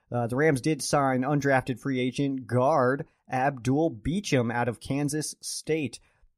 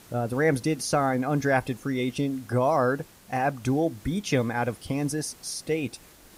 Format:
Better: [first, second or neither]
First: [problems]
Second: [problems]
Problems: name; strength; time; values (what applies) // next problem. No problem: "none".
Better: first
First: none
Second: hiss; faint; throughout; 25 dB below the speech